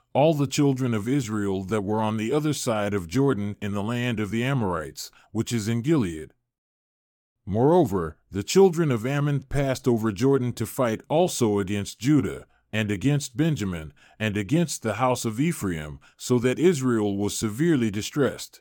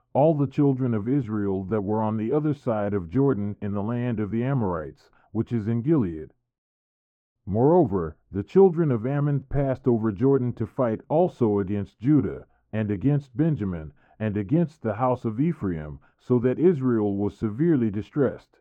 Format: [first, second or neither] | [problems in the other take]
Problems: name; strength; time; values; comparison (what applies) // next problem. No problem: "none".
first | muffled; very; fading above 3 kHz